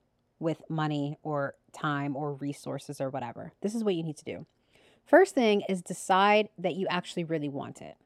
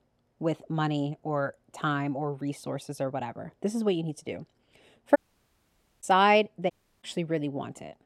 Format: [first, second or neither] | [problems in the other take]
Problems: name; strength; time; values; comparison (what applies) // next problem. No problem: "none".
first | audio cutting out; at 5 s for 1 s and at 6.5 s